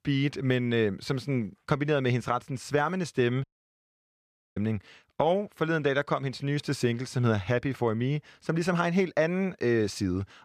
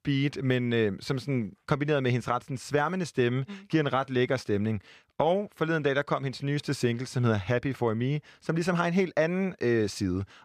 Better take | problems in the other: second | audio cutting out; at 3.5 s for 1 s

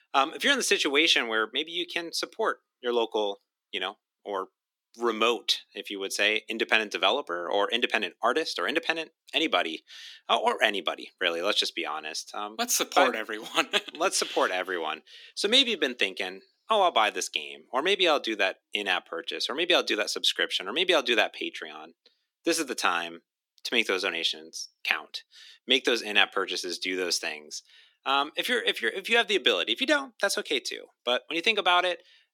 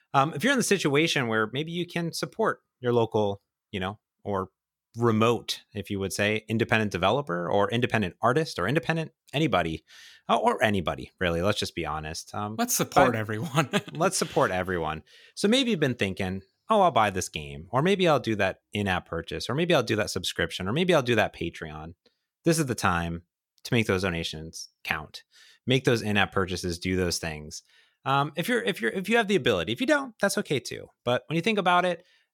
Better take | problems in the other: second | thin; somewhat; fading below 250 Hz

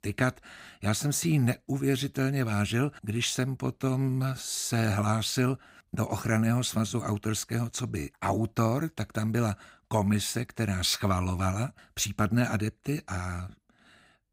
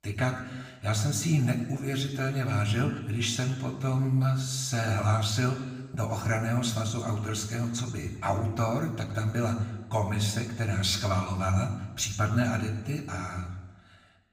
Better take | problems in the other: first | room echo; slight; dies away in 1.1 s // off-mic speech; somewhat distant

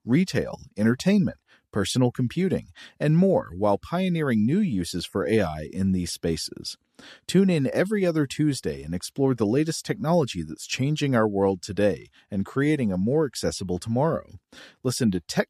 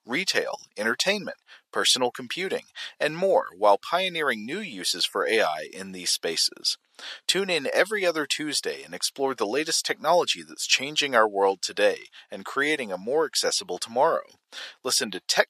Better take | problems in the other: first | thin; very; fading below 750 Hz

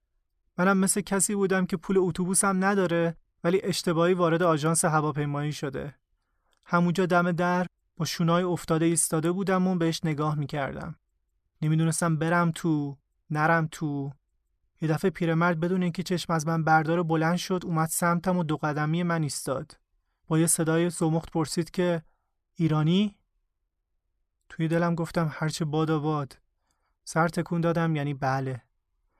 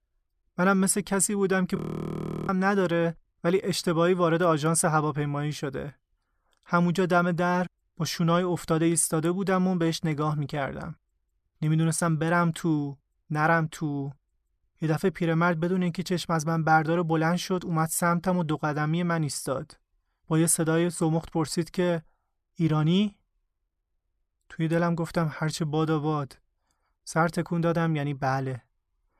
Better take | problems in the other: first | audio freezing; at 2 s for 0.5 s

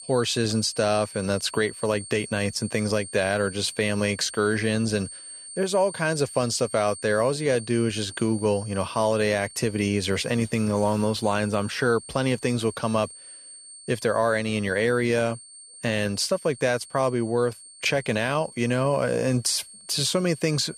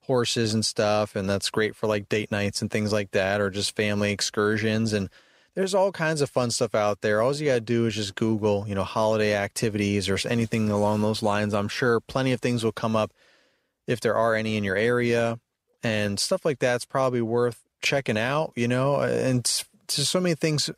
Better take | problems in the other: second | high-pitched whine; noticeable; throughout; 8.5 kHz, 15 dB below the speech

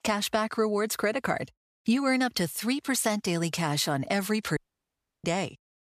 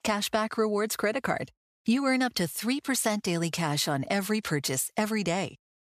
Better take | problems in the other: second | audio cutting out; at 4.5 s for 0.5 s

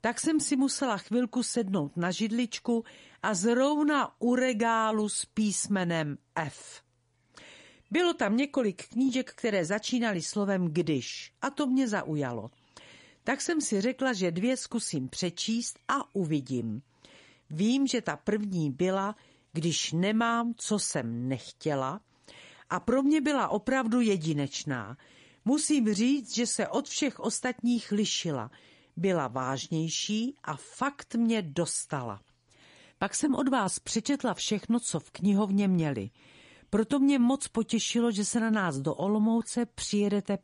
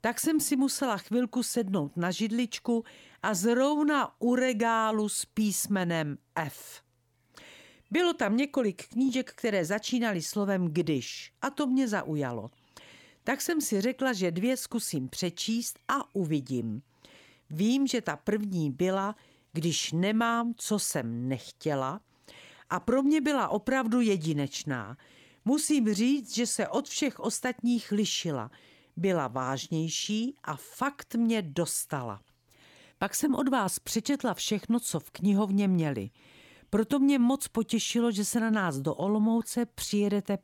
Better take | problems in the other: second | garbled, watery; slightly; nothing above 10.5 kHz

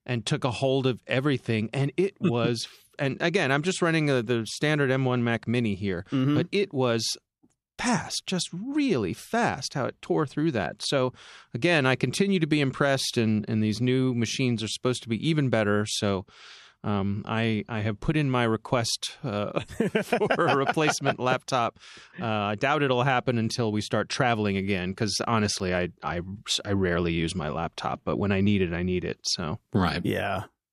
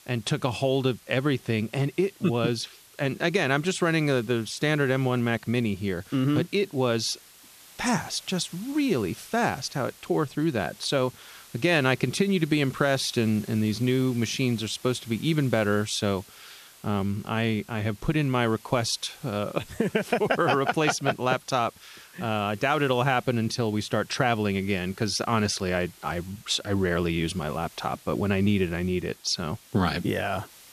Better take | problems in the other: first | hiss; faint; throughout; 25 dB below the speech

